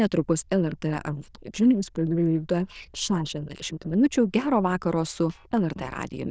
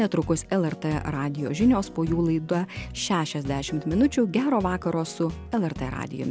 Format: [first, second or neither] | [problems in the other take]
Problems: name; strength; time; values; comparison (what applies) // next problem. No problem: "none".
second | noise reduction (neural diffusion model UNIVERSE++)